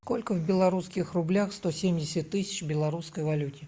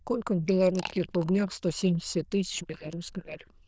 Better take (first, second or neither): first